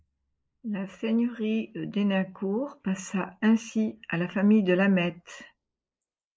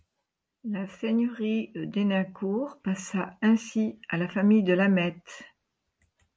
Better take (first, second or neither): second